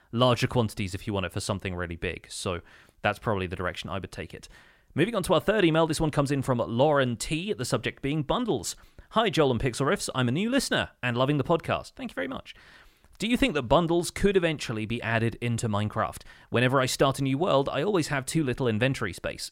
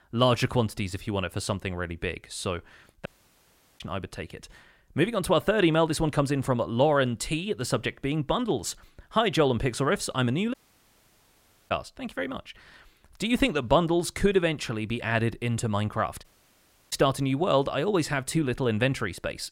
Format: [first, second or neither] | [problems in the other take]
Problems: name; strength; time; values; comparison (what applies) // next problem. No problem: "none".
first | audio cutting out; at 3 s for 0.5 s, at 11 s for 1 s and at 16 s for 0.5 s